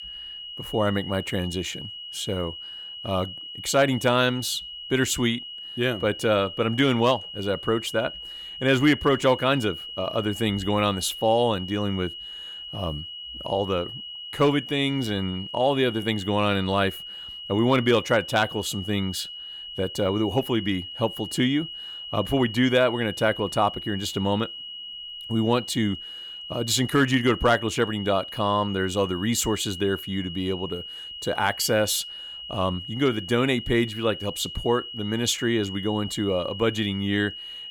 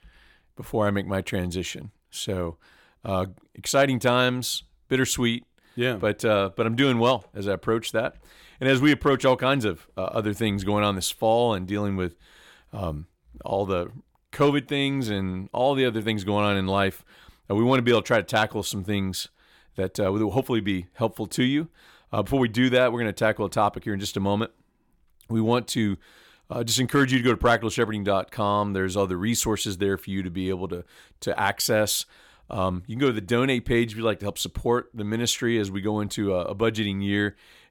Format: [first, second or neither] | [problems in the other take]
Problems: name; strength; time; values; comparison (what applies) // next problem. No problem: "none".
second | high-pitched whine; noticeable; throughout; 3 kHz, 10 dB below the speech